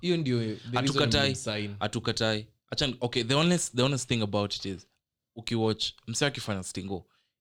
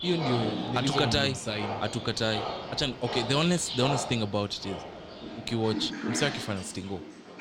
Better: first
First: none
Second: animal sounds; loud; throughout; 6 dB below the speech

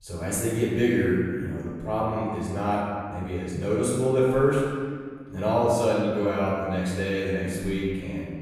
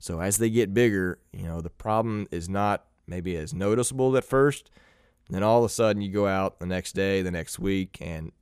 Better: second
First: off-mic speech; far // room echo; strong; dies away in 1.7 s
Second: none

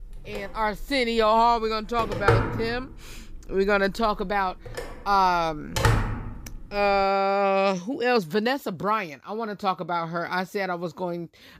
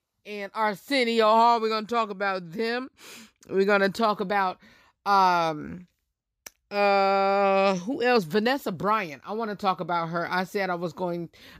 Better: second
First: phone ringing; loud; until 6.5 s; peak 2 dB above the speech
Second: none

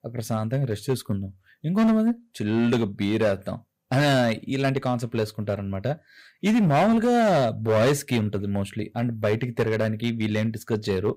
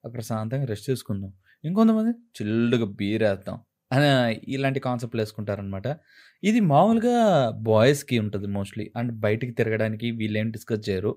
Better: second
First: distortion; slight; 8% of the sound clipped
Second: none

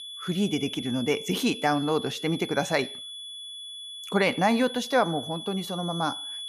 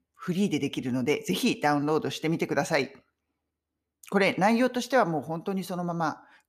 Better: second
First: high-pitched whine; loud; throughout; 3.5 kHz, 9 dB below the speech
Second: none

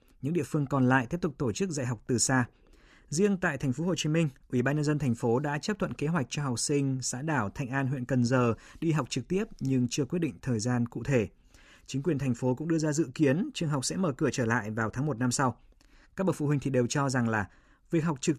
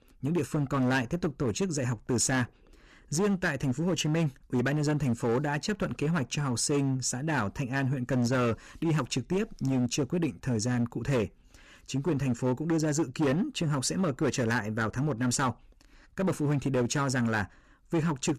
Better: first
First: none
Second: distortion; slight; 10% of the sound clipped

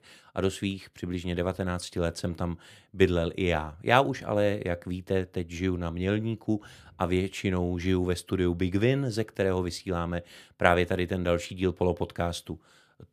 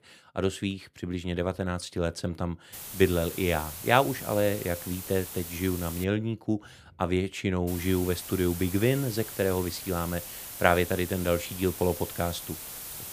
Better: first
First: none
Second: hiss; loud; from 2.5 to 6 s and from 7.5 s on; 9 dB below the speech

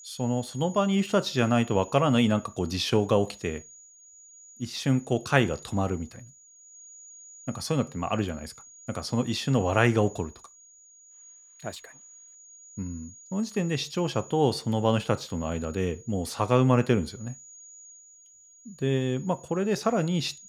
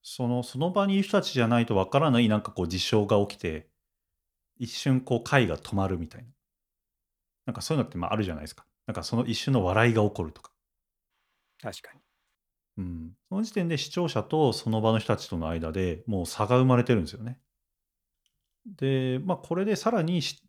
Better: second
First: high-pitched whine; faint; throughout; 7 kHz, 20 dB below the speech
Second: none

